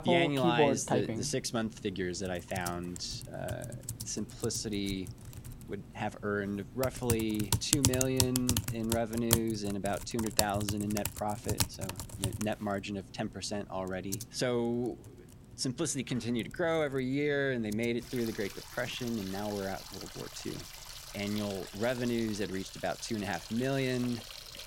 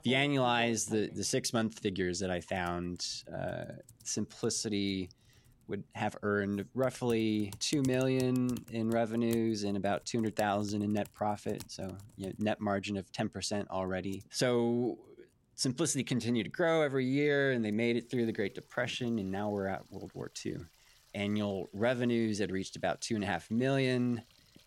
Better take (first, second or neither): second